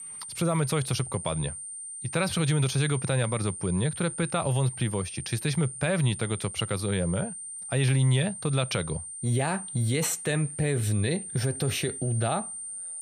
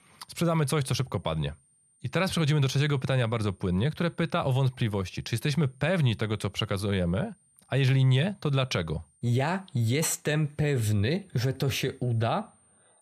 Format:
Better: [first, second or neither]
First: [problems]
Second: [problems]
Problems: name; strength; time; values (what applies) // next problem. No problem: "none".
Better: second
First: high-pitched whine; loud; throughout; 9 kHz, 8 dB below the speech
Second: high-pitched whine; faint; throughout; 9 kHz, 35 dB below the speech